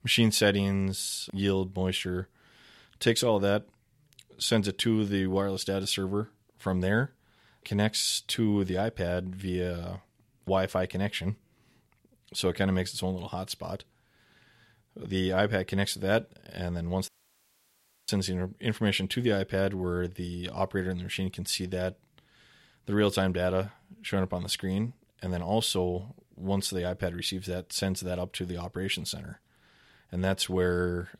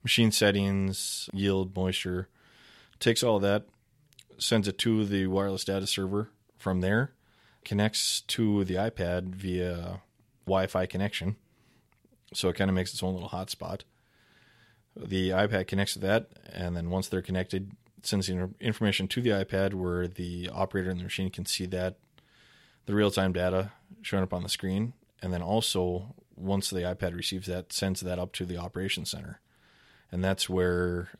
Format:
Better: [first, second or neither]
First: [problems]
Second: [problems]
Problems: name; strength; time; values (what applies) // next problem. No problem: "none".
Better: second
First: audio cutting out; at 17 s for 1 s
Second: none